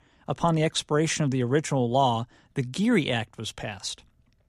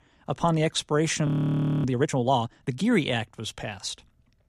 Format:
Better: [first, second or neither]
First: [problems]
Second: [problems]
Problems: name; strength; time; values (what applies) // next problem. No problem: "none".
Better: first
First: none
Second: audio freezing; at 1.5 s for 0.5 s